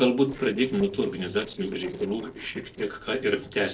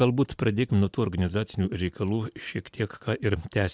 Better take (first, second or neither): second